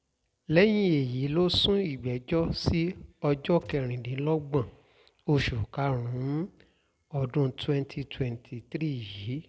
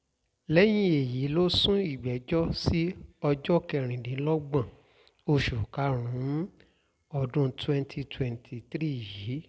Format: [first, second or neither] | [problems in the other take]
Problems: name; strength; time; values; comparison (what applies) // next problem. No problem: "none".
second | background sound (Gunshot, gunfire); 20 dB below the speech